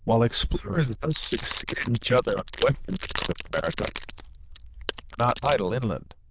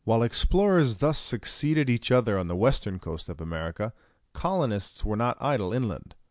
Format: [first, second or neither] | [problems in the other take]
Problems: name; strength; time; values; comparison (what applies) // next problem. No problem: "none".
second | noise reduction (neural diffusion model UNIVERSE++)